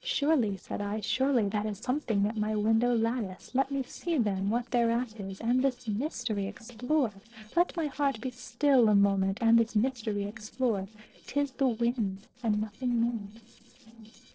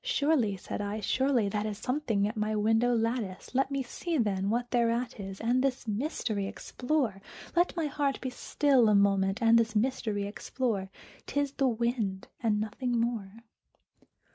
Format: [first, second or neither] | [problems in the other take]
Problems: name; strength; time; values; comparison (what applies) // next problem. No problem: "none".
second | noise reduction (neural separator model SepFormer DNS4)